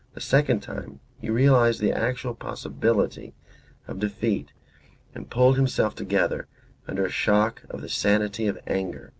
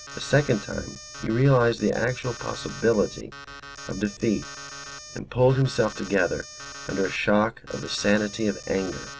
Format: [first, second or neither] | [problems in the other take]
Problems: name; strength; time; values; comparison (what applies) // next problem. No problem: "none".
first | background sound (Alarm); 15 dB below the speech